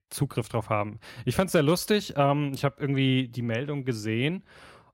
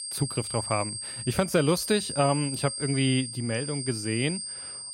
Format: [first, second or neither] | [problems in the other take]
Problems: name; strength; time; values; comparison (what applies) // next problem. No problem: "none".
first | high-pitched whine; loud; throughout; 8.5 kHz, 5 dB below the speech